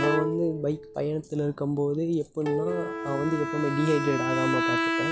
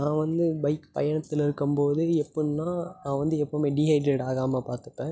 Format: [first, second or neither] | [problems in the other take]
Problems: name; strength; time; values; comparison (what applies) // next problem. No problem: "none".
second | background sound (Bowed string instrument + Plucked string instrument); 2 dB below the speech